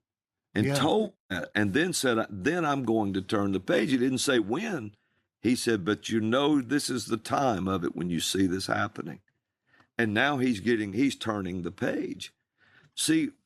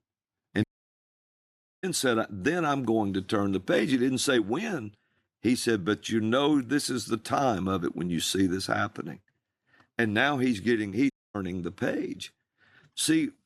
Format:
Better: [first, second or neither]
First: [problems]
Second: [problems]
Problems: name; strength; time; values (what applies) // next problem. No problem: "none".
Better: first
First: none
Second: audio cutting out; at 0.5 s for 1 s and at 11 s